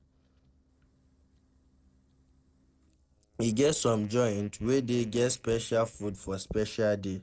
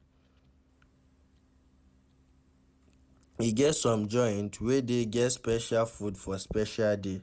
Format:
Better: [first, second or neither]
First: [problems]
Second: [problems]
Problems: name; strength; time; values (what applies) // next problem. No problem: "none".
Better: second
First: noise reduction (neural separator model SepFormer DNS4)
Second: none